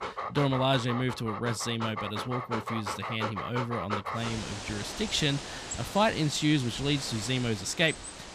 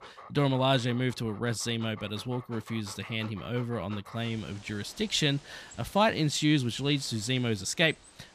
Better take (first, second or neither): second